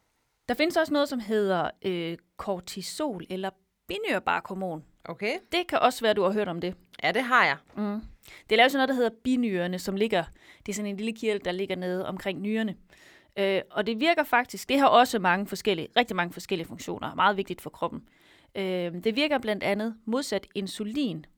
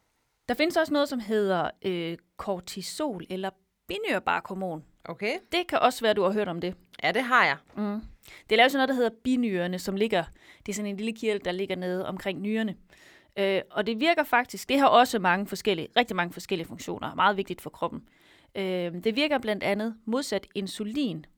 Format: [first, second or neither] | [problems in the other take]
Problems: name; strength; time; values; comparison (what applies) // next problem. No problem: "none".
neither | none